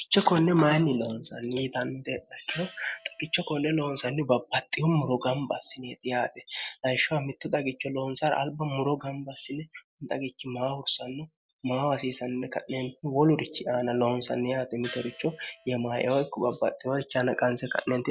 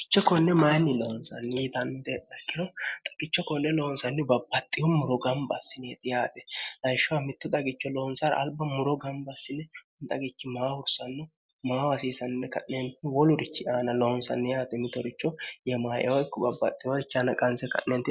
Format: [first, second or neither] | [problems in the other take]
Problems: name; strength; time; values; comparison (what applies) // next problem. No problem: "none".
second | background sound (Gong); 18 dB below the speech